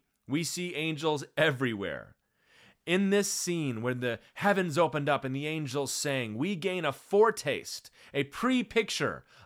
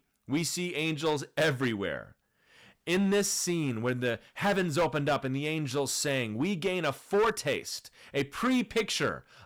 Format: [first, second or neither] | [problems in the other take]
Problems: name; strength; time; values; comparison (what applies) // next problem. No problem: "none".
first | distortion; slight; 6% of the sound clipped